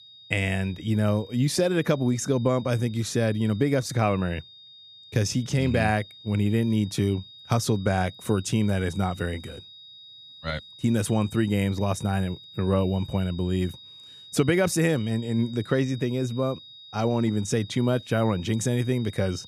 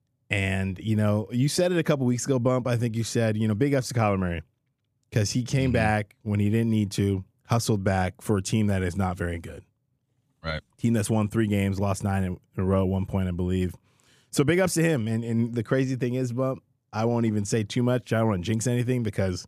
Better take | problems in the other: second | high-pitched whine; noticeable; throughout; 4 kHz, 20 dB below the speech

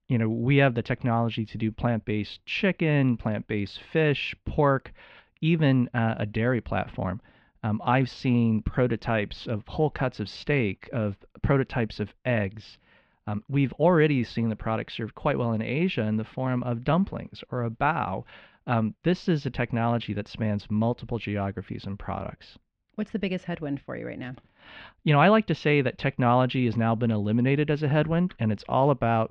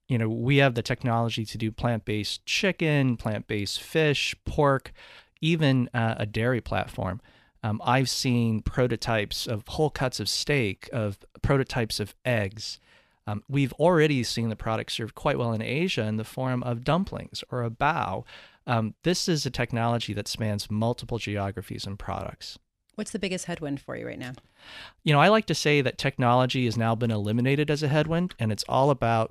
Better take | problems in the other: second | muffled; slightly; fading above 3 kHz

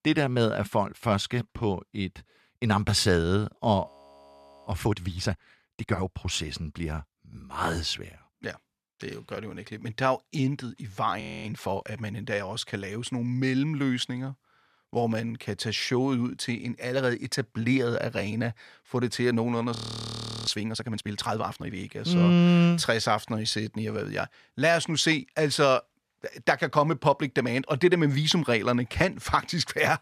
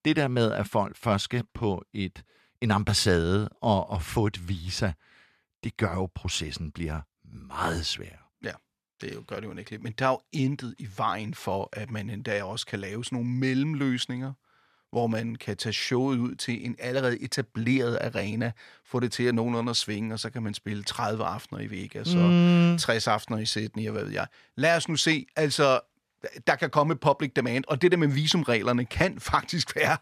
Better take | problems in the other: second | audio freezing; at 4 s for 1 s, at 11 s and at 20 s for 0.5 s

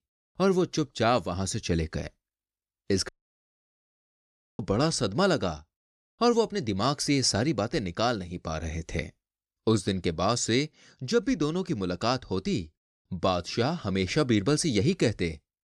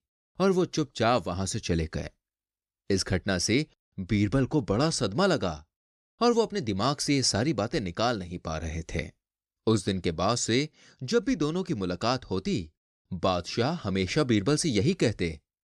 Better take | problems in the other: second | audio cutting out; at 3 s for 1.5 s

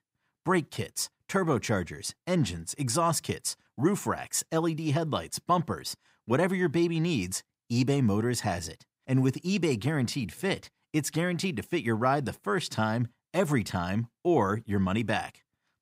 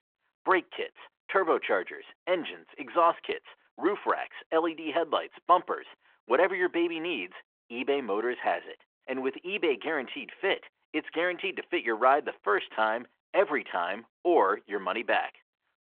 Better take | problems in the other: first | phone-call audio

